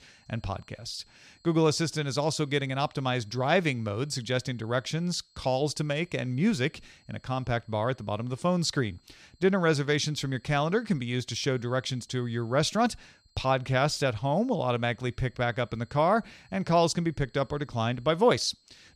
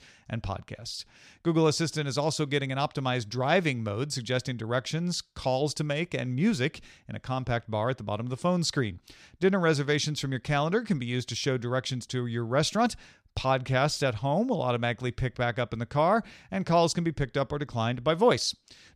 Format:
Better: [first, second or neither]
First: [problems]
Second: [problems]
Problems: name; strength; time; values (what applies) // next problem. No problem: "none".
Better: second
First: high-pitched whine; faint; throughout; 4 kHz, 35 dB below the speech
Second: none